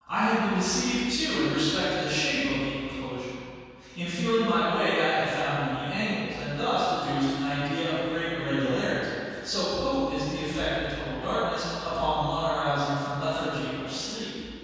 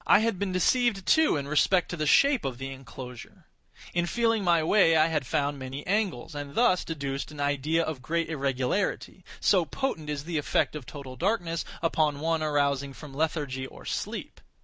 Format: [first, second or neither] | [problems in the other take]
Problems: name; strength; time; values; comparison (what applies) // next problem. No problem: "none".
second | room echo; dies away in 2.1 s